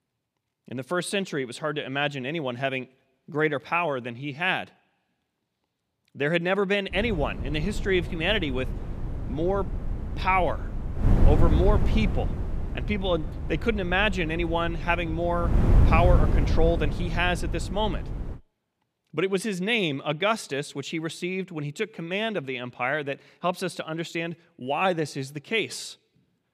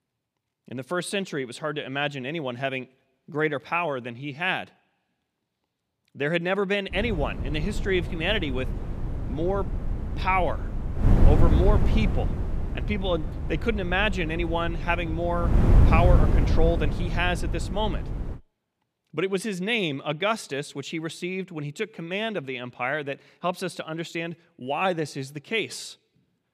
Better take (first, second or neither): first